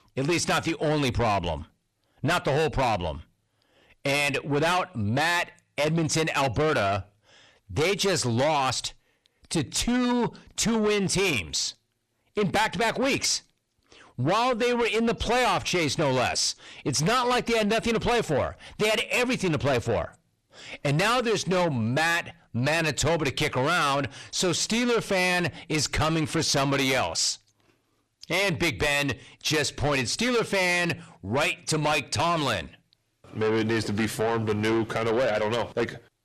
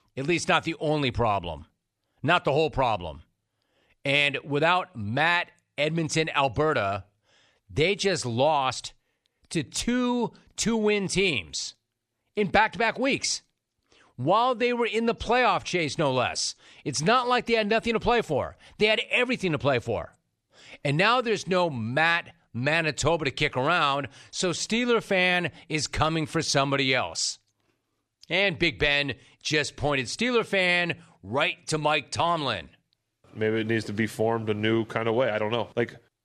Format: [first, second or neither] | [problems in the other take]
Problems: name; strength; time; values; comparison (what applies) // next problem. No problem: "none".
second | distortion; heavy; 6 dB below the speech